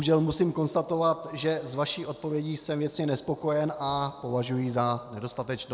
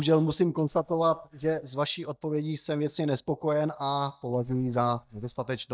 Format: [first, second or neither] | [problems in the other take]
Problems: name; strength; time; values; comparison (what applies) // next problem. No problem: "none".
first | noise reduction (neural mask model DeepFilterNet 3)